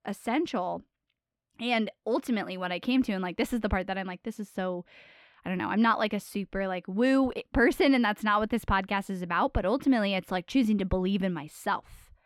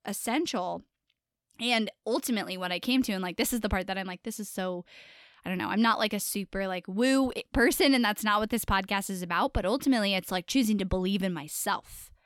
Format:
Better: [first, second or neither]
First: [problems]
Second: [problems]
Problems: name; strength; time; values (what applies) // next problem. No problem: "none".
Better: second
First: muffled; slightly; fading above 3.5 kHz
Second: none